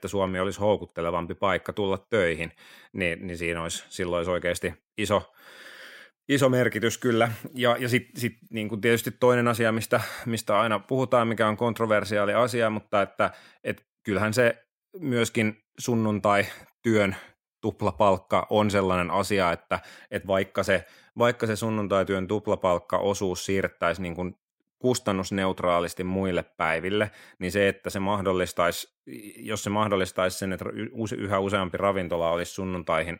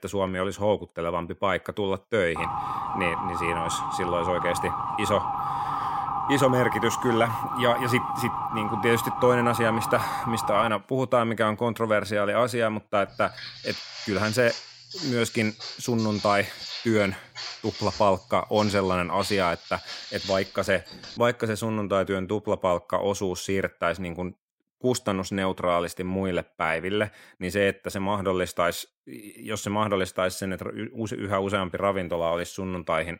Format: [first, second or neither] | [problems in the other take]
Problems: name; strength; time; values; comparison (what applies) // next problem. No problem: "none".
first | siren; noticeable; from 2.5 to 11 s; peak 1 dB below the speech // footsteps; noticeable; from 13 to 21 s; peak 7 dB below the speech